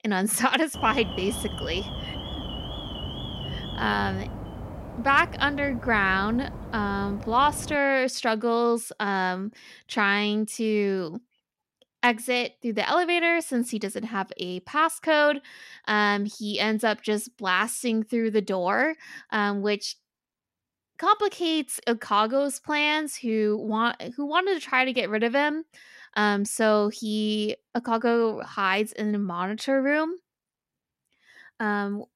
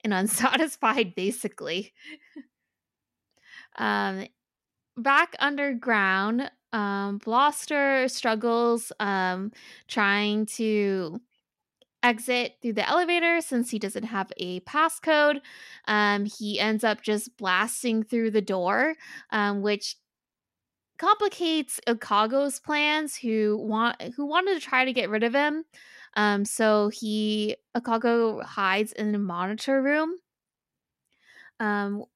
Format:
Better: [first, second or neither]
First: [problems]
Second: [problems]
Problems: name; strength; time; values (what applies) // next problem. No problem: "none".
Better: second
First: alarm; noticeable; from 0.5 to 8 s; peak 8 dB below the speech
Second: none